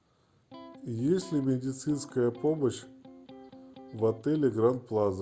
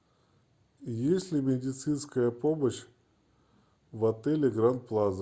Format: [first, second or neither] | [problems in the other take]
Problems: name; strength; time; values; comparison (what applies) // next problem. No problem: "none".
second | background sound (Electric guitar); 19 dB below the speech